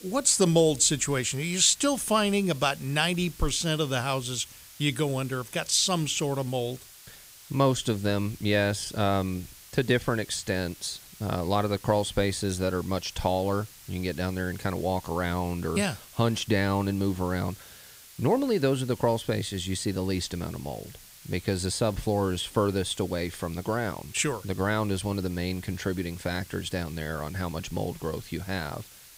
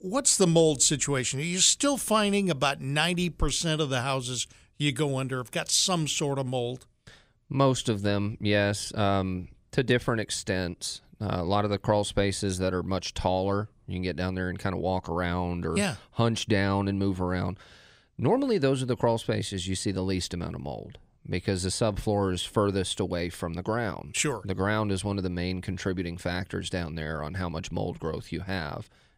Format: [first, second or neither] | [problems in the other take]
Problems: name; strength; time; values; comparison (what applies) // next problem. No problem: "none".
second | hiss; noticeable; throughout; 20 dB below the speech